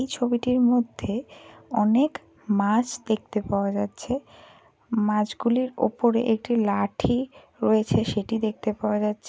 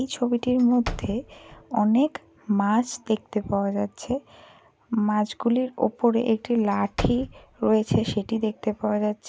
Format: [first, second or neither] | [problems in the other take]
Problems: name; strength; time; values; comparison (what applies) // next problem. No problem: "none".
first | background sound (Slam / Wood); 14 dB below the speech